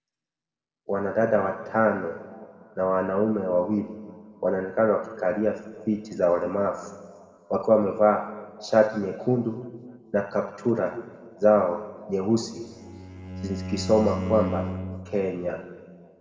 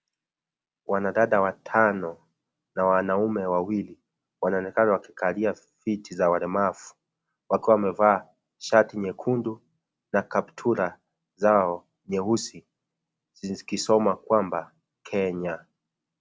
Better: second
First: background sound (Bowed string instrument); 8 dB below the speech // room echo; dies away in 1.7 s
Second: none

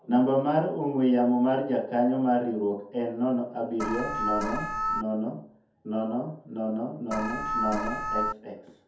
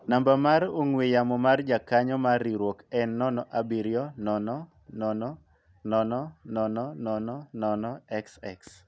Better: second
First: background sound (Alarm); 2 dB below the speech // room echo; dies away in 0.5 s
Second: none

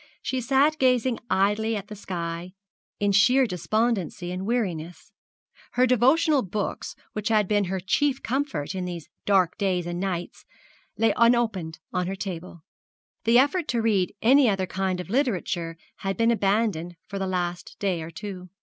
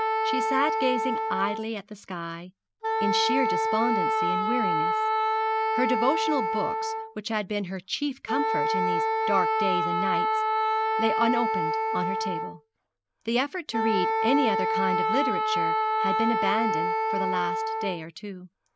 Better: first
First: none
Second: background sound (Wind instrument, woodwind instrument); 4 dB above the speech

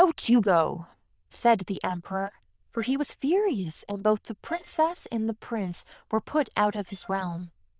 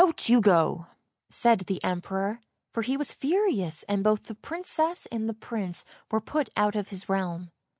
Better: second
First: noise reduction (neural diffusion model UNIVERSE++)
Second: none

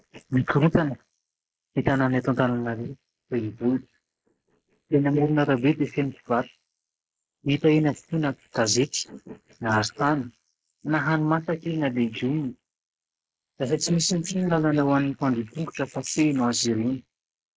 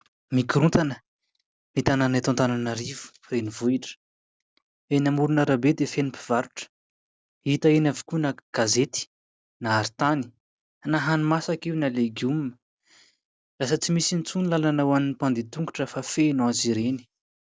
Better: second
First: noise reduction (neural mask model Resemble Enhance denoiser)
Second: none

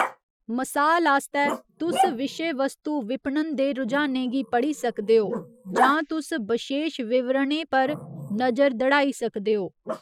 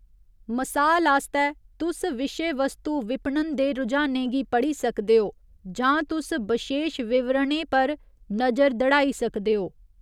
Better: second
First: noise reduction (classical method Wiener filter)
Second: none

